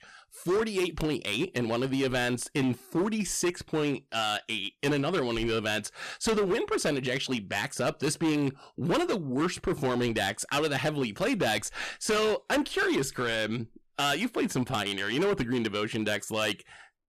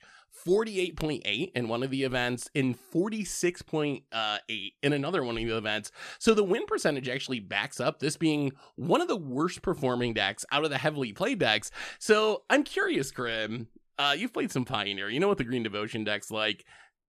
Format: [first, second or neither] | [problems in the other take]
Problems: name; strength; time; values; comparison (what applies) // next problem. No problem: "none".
second | distortion; heavy; 12% of the sound clipped